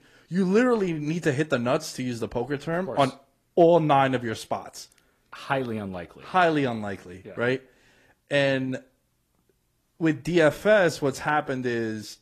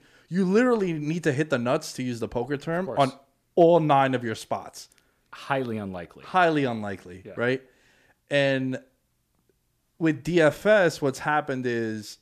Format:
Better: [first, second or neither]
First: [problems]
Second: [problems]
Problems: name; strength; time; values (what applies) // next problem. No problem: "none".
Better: second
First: garbled, watery; slightly; nothing above 14.5 kHz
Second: none